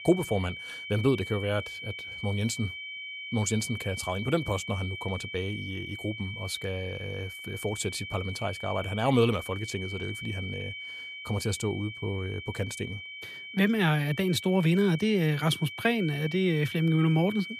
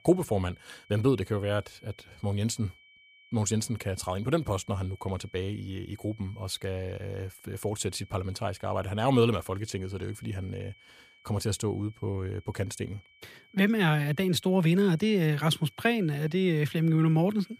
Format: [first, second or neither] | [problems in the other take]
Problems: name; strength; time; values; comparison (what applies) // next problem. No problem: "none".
second | high-pitched whine; loud; throughout; 2.5 kHz, 9 dB below the speech; faint in the second